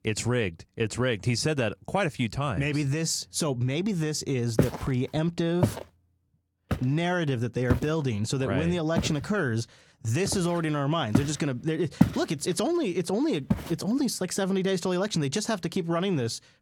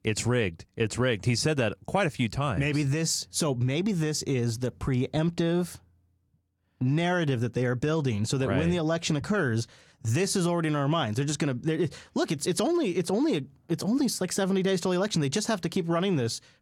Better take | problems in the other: second | footsteps; loud; from 4.5 to 14 s; peak 2 dB above the speech

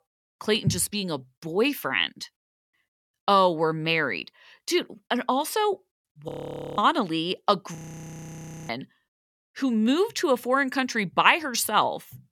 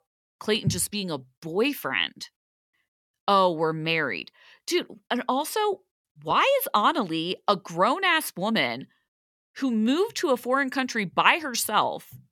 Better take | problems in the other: second | audio freezing; at 6.5 s and at 8 s for 1 s

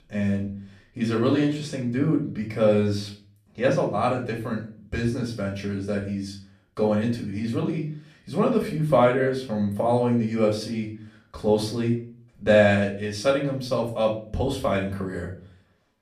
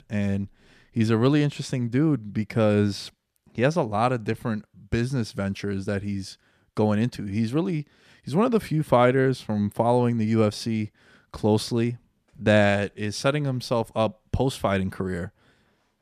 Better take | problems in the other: second | room echo; slight; dies away in 0.4 s // off-mic speech; far

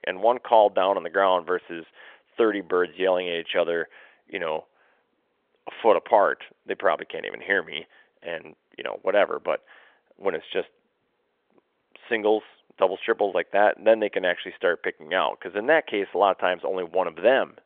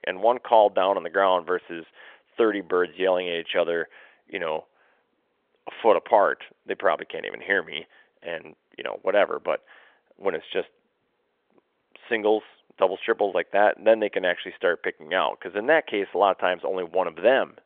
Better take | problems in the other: neither | phone-call audio; nothing above 3.5 kHz; the same in both

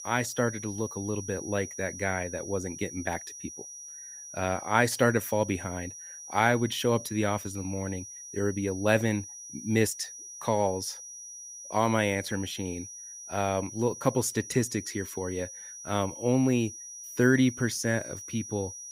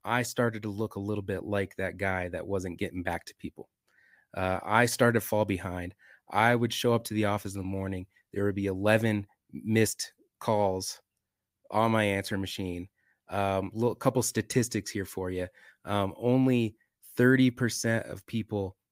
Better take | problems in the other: second | high-pitched whine; noticeable; throughout; 6 kHz, 10 dB below the speech

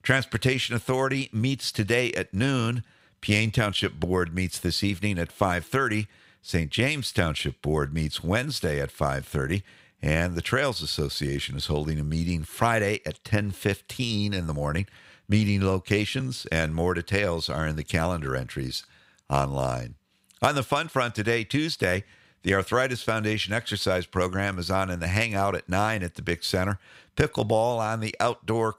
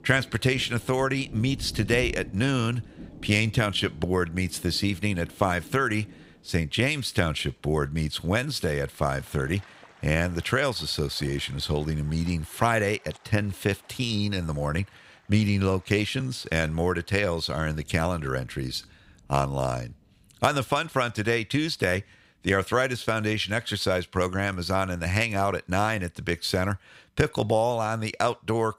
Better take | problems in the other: first | rain or running water; faint; throughout; 20 dB below the speech

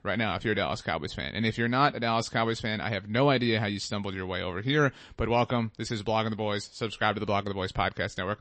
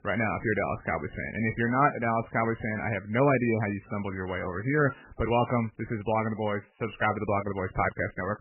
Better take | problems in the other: first | garbled, watery; badly; nothing above 2.5 kHz; slightly in the first

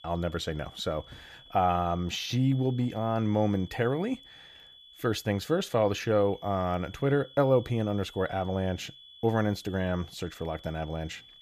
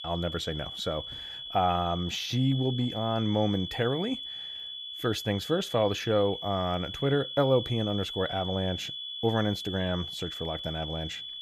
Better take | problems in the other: first | high-pitched whine; loud; throughout; 3.5 kHz, 7 dB below the speech; faint in the first

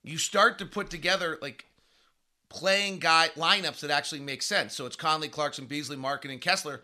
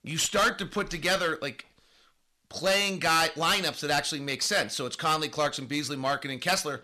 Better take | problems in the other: first | distortion; heavy; 8% of the sound clipped

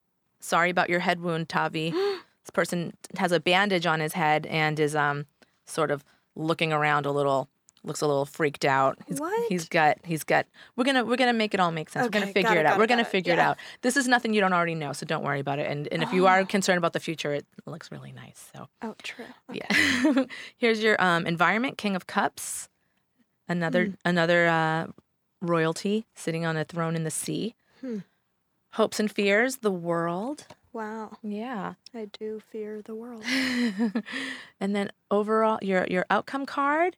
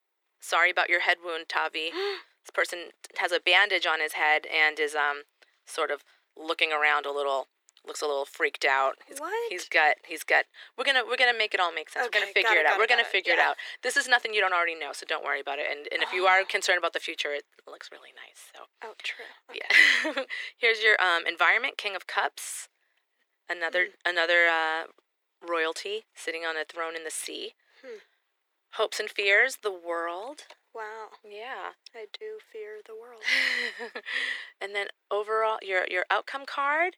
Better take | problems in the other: first | thin; very; fading below 350 Hz

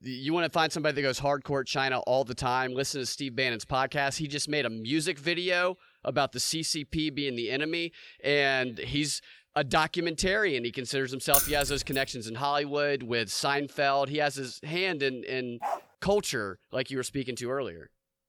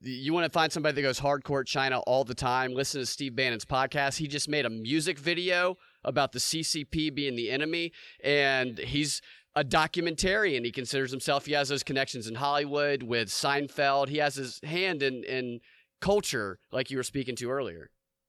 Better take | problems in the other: second | jangling keys; loud; at 11 s; peak 5 dB above the speech // dog barking; noticeable; at 16 s; peak 6 dB below the speech

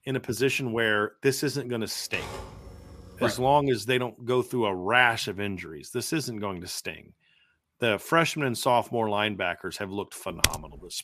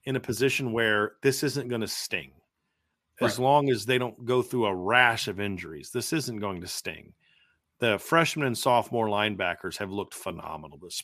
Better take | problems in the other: second | keyboard typing; faint; from 2 to 3.5 s; peak 10 dB below the speech // keyboard typing; very faint; at 10 s; peak 1 dB above the speech

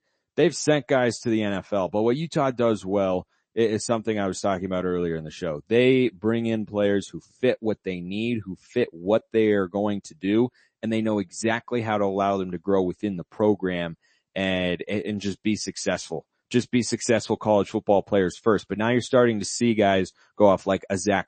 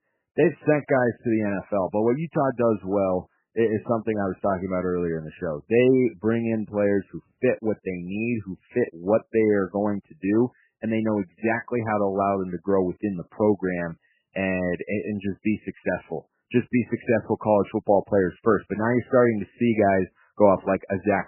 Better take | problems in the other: first | garbled, watery; badly; nothing above 2.5 kHz; slightly in the first

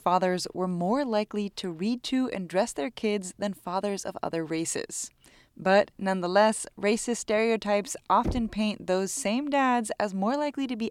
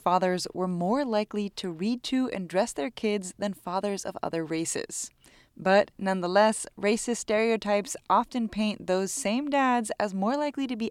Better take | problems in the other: second | door banging; noticeable; at 8 s; peak 7 dB below the speech

